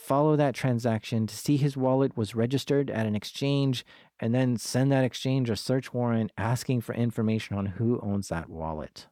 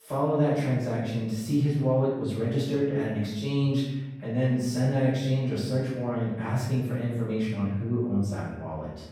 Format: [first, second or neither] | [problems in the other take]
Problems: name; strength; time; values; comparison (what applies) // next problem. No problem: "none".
first | off-mic speech; far // room echo; noticeable; dies away in 1 s